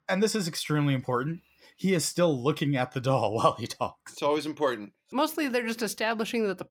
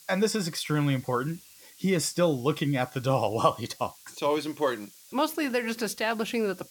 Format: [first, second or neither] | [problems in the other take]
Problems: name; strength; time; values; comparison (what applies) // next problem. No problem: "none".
first | hiss; faint; throughout; 20 dB below the speech